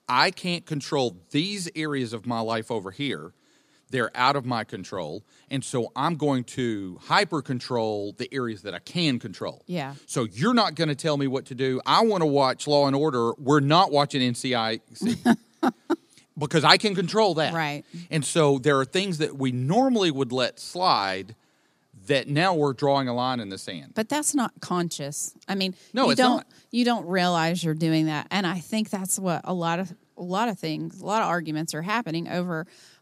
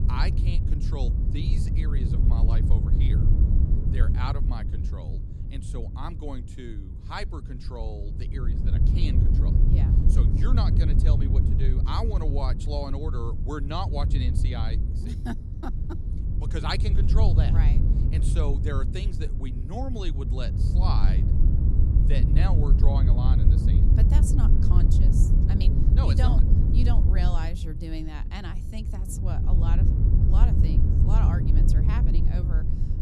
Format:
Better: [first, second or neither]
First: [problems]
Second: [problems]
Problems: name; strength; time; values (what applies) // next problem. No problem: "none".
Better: first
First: none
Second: wind noise on the microphone; heavy; 1 dB below the speech